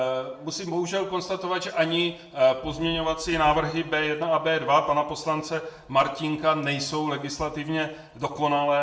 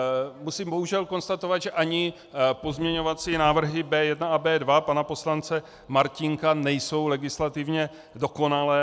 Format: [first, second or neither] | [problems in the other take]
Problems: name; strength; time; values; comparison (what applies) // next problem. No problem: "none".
second | room echo; dies away in 0.5 s